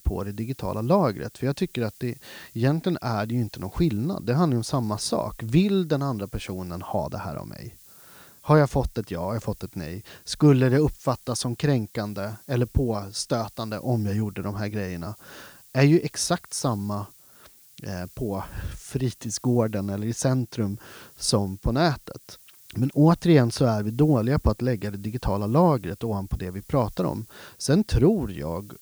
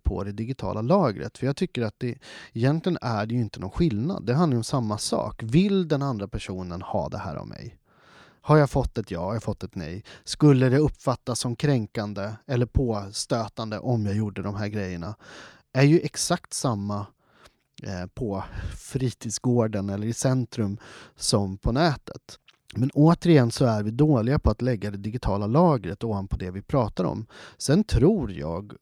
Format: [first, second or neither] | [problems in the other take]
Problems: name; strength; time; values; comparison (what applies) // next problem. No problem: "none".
second | hiss; faint; throughout; 25 dB below the speech